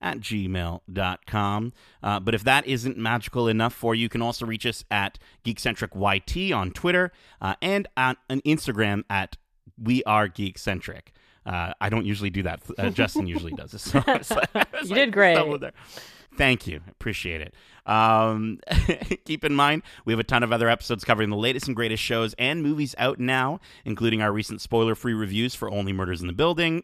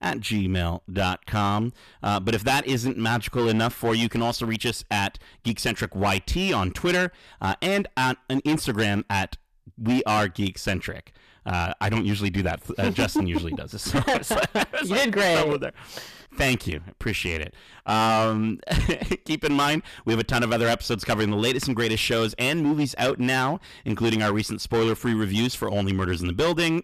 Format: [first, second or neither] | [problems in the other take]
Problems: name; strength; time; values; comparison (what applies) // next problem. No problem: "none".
first | distortion; heavy; 11% of the sound clipped